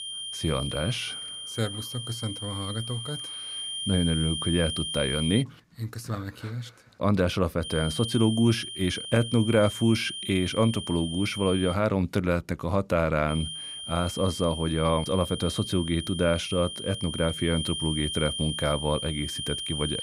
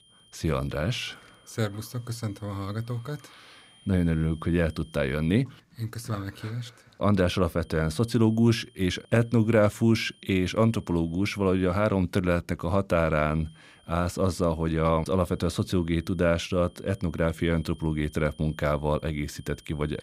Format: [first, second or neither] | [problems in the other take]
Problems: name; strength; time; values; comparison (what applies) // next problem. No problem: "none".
second | high-pitched whine; loud; until 5.5 s, from 7.5 to 12 s and from 13 s on; 3 kHz, 6 dB below the speech; faint in the second